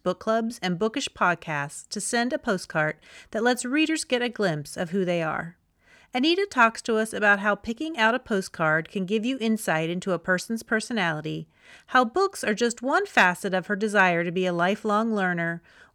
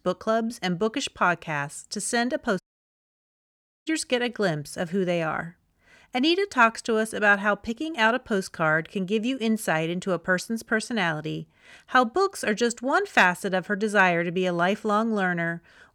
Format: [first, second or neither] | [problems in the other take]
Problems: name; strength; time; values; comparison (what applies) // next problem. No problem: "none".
first | audio cutting out; at 2.5 s for 1.5 s